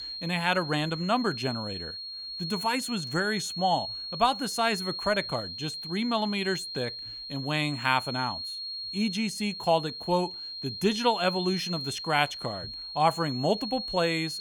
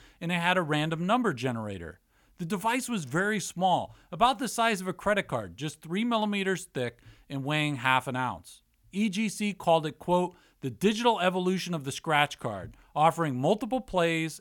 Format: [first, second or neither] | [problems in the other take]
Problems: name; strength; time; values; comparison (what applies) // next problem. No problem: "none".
second | high-pitched whine; loud; throughout; 4 kHz, 6 dB below the speech